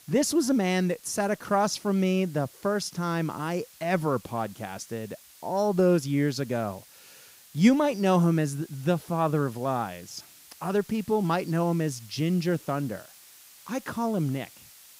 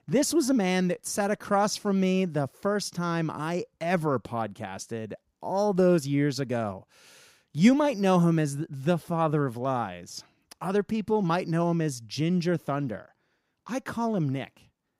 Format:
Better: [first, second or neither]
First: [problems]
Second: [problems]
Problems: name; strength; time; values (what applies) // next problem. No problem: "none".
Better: second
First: hiss; faint; throughout; 25 dB below the speech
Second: none